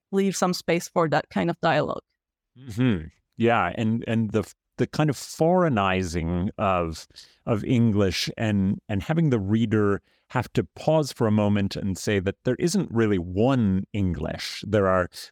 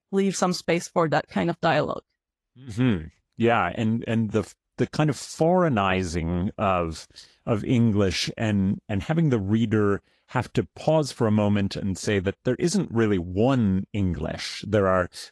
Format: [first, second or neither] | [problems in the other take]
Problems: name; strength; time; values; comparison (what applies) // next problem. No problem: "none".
first | garbled, watery; slightly; nothing above 11.5 kHz